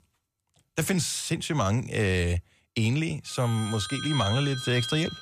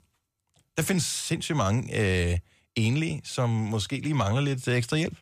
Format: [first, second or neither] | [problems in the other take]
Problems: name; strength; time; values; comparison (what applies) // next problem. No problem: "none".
second | alarms or sirens; loud; from 4 s on; 6 dB below the speech